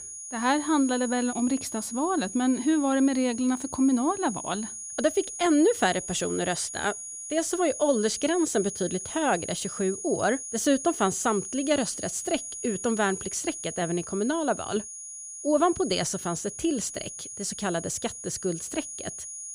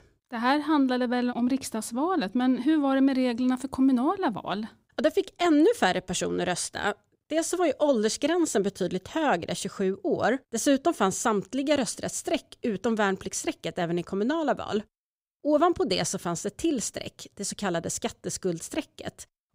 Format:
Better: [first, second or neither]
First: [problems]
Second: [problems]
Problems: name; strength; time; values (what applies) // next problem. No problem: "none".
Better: second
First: high-pitched whine; loud; throughout; 6.5 kHz, 8 dB below the speech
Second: none